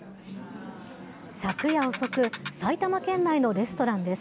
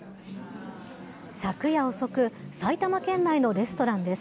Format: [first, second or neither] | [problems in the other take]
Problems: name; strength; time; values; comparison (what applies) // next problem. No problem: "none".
second | background sound (Ratchet, pawl); 9 dB below the speech